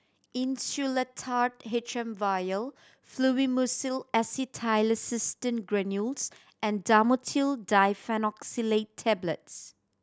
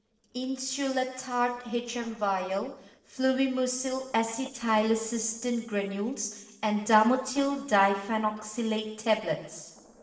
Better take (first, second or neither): first